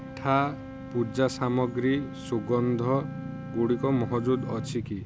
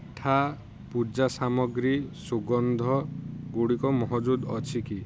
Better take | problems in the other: second | background sound (Wind instrument, woodwind instrument); 14 dB below the speech

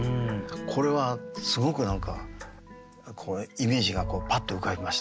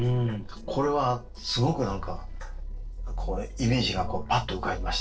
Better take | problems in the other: first | noise reduction (neural separator model SepFormer DNS4)

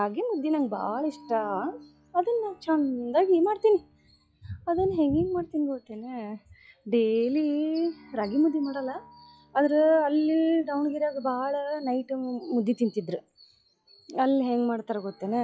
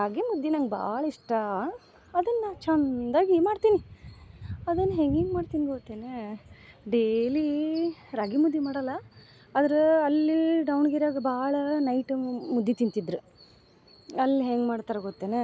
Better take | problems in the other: second | noise reduction (classical method log-MMSE)

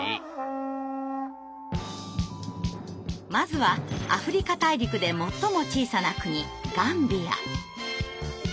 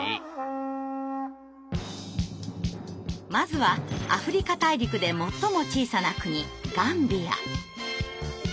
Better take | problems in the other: second | background sound (Alarm); 19 dB below the speech

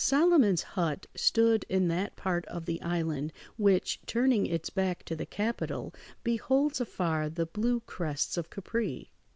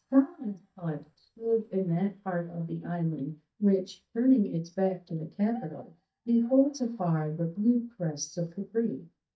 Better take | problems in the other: first | noise reduction (neural mask model DeepFilterNet 3)

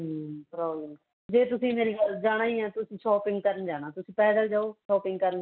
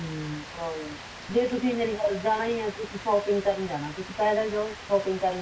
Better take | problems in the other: first | background sound (Rain); 14 dB below the speech // room echo; dies away in 0.1 s

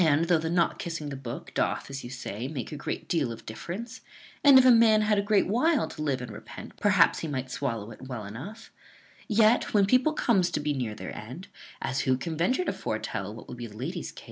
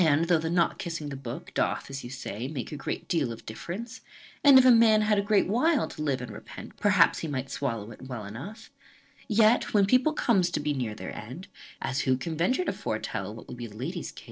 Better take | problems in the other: first | noise reduction (neural separator model SepFormer DNS4)

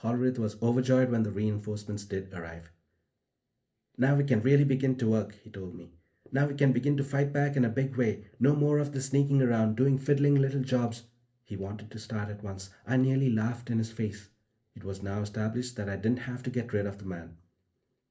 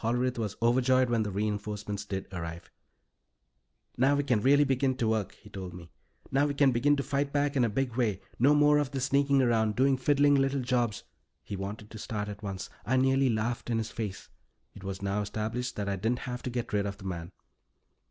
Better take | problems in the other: second | room echo; dies away in 0.3 s

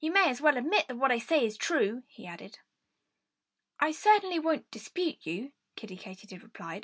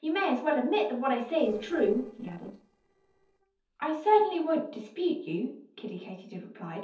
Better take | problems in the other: first | noise reduction (neural separator model SepFormer DNS4)

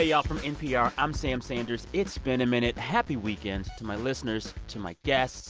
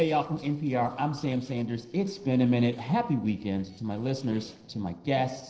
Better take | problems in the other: first | noise reduction (neural separator model SepFormer DNS4)

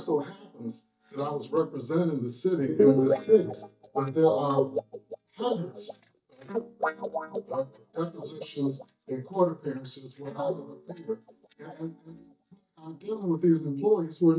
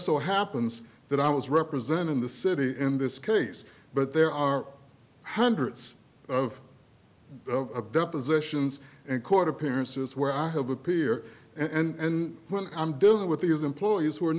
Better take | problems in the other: second | noise reduction (neural mask model DeepFilterNet 3)

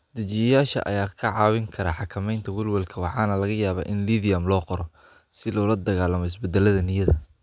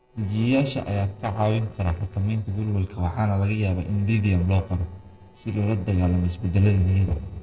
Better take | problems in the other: first | noise reduction (neural separator model SepFormer DNS4)

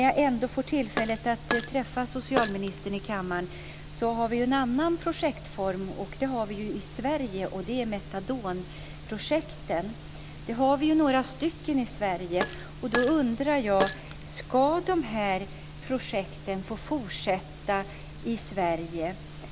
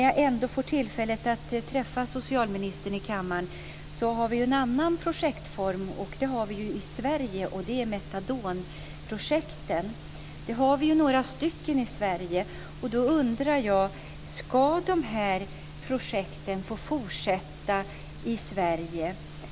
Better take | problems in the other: second | background sound (Glass); 8 dB below the speech

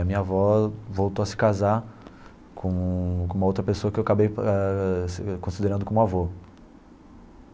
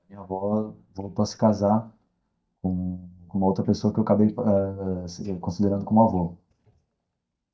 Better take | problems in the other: first | noise reduction (neural mask model DeepFilterNet 3)

